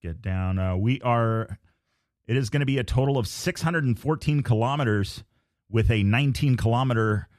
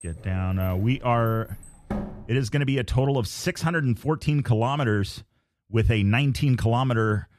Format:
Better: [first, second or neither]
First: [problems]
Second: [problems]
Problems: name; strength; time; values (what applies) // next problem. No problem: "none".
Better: first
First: none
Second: door banging; noticeable; until 2.5 s; peak 8 dB below the speech